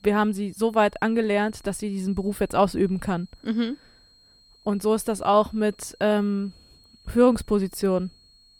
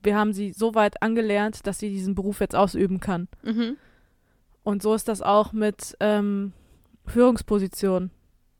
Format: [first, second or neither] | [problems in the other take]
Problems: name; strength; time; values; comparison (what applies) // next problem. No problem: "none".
second | high-pitched whine; faint; throughout; 4.5 kHz, 30 dB below the speech